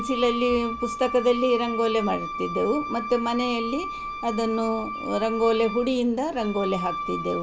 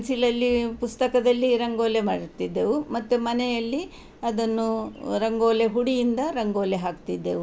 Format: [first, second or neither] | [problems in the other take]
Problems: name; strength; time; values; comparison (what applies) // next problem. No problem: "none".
second | background sound (Wind instrument, woodwind instrument); 7 dB below the speech